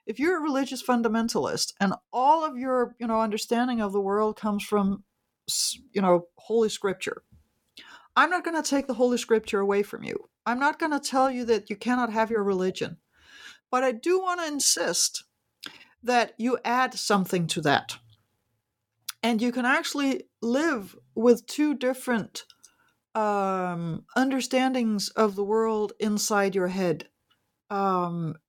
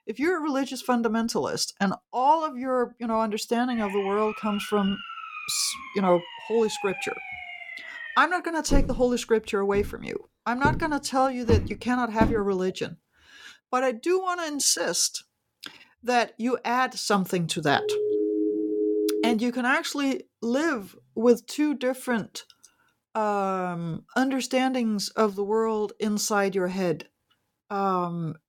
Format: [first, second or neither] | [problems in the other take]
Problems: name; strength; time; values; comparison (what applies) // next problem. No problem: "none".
first | siren; noticeable; from 3.5 to 8 s; peak 8 dB below the speech // footsteps; noticeable; from 8.5 to 12 s; peak 1 dB below the speech // siren; loud; from 18 to 19 s; peak 1 dB above the speech